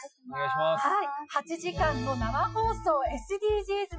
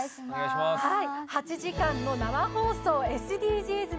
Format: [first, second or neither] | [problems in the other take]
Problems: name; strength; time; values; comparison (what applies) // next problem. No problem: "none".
second | noise reduction (classical method Wiener filter)